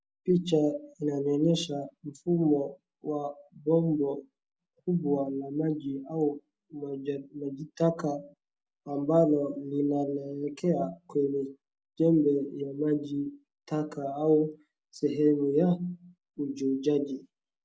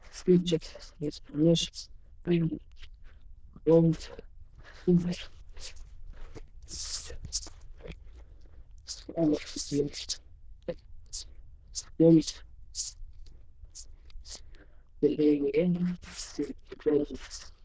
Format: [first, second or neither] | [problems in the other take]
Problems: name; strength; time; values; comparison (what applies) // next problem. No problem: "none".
first | noise reduction (neural diffusion model UNIVERSE++)